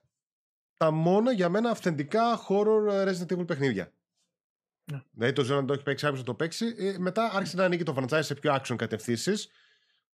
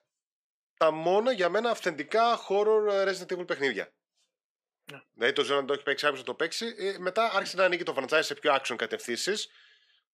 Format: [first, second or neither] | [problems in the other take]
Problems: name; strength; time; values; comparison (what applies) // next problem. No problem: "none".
first | thin; somewhat; fading below 450 Hz